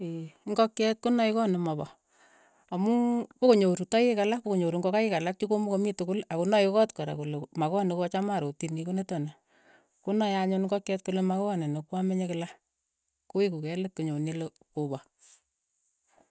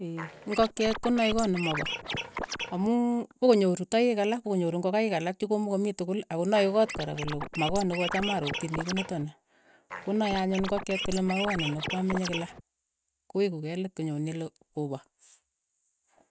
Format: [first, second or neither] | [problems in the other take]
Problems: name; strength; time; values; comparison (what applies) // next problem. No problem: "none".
first | background sound (Scratching (performance technique)); 7 dB below the speech